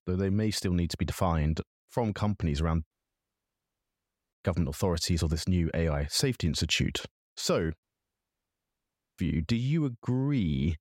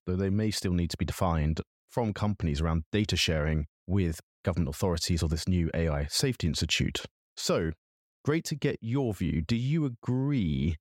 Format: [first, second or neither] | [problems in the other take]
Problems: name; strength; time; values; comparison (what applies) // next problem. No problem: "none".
second | audio cutting out; at 3 s for 1.5 s and at 8 s for 1.5 s